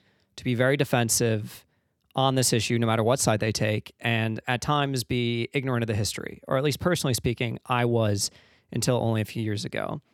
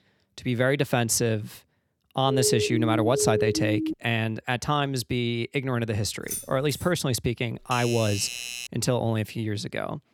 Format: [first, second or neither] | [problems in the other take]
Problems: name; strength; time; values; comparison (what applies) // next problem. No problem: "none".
first | siren; noticeable; from 2.5 to 4 s; peak 1 dB below the speech // jangling keys; noticeable; at 6.5 s; peak 7 dB below the speech // doorbell; noticeable; from 7.5 to 8.5 s; peak 6 dB below the speech